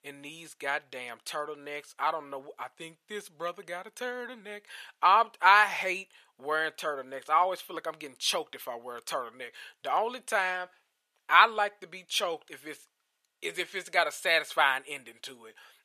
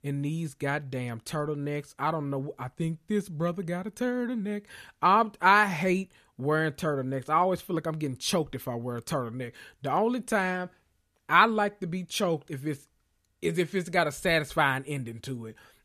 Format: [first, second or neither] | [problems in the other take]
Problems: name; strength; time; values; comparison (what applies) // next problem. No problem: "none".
second | thin; very; fading below 700 Hz